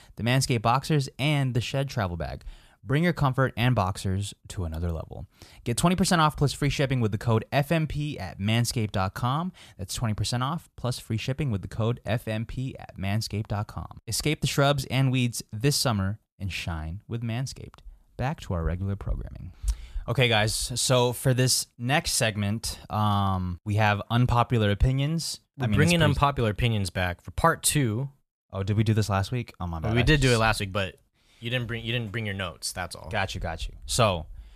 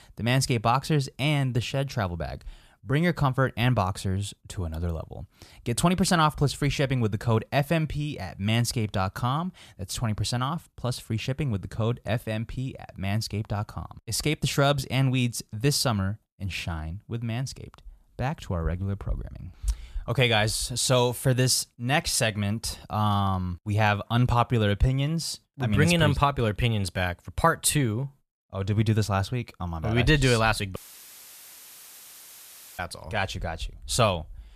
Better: first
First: none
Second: audio cutting out; filled with static; at 31 s for 2 s

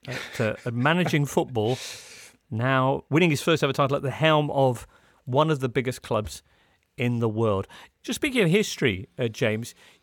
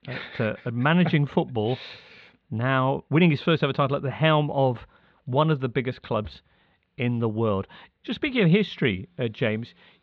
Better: first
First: none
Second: muffled; slightly; fading above 4 kHz

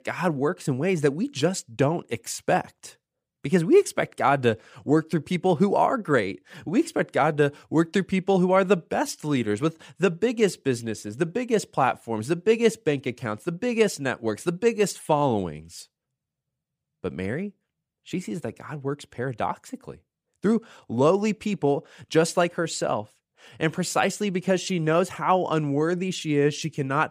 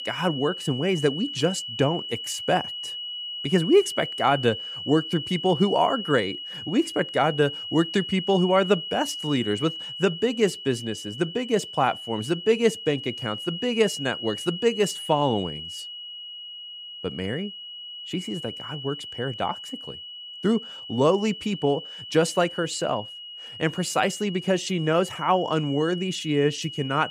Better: first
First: none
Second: high-pitched whine; loud; throughout; 3 kHz, 9 dB below the speech

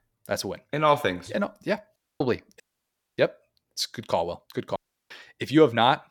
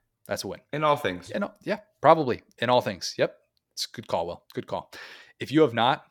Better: second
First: audio cutting out; at 2 s, at 2.5 s for 0.5 s and at 5 s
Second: none

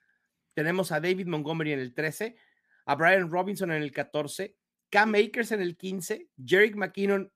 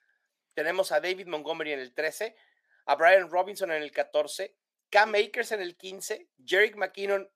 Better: first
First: none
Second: thin; very; fading below 500 Hz

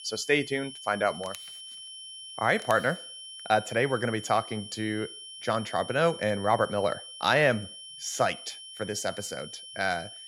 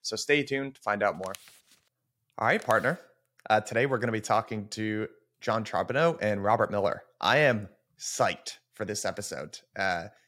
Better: second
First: high-pitched whine; noticeable; throughout; 3 kHz, 15 dB below the speech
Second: none

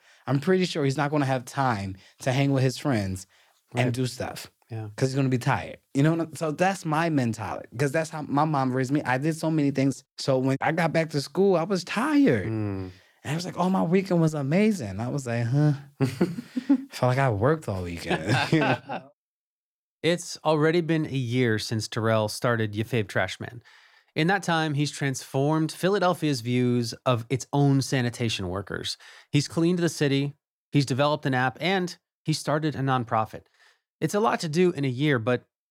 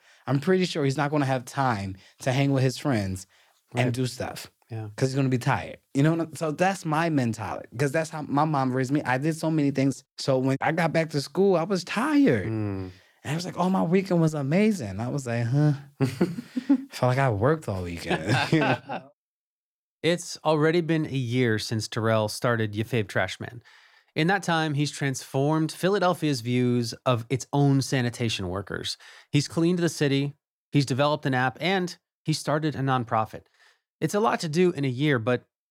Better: neither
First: none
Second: none

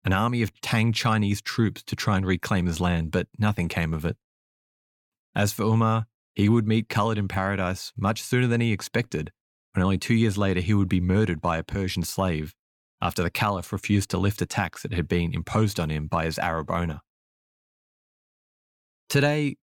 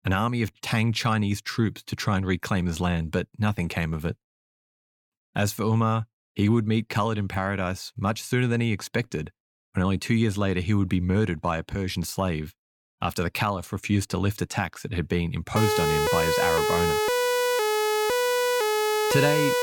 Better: first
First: none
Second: siren; loud; from 16 s on; peak 3 dB above the speech

